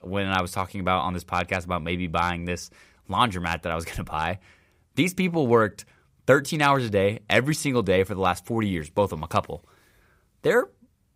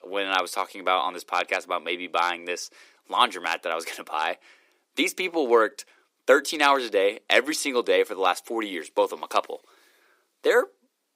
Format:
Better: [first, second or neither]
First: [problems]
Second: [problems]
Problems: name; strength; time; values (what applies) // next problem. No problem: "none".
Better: first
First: none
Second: thin; somewhat; fading below 300 Hz